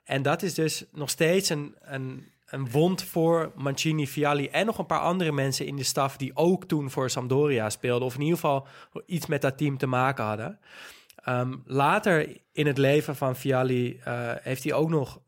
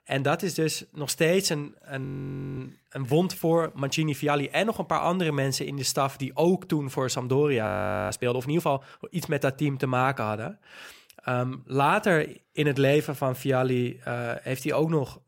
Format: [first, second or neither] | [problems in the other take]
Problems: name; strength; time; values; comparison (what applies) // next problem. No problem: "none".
first | audio freezing; at 2 s for 0.5 s and at 7.5 s